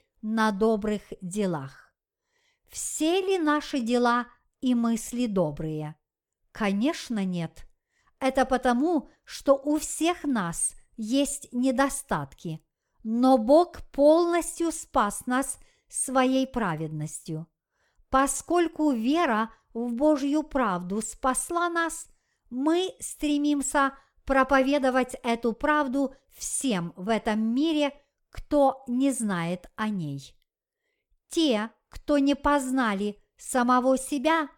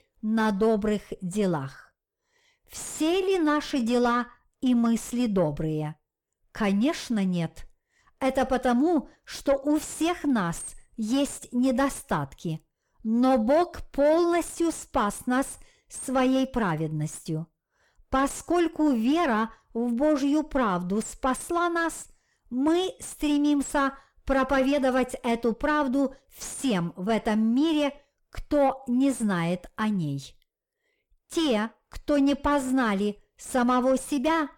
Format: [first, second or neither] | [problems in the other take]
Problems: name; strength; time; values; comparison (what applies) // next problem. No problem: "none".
first | distortion; slight; 10 dB below the speech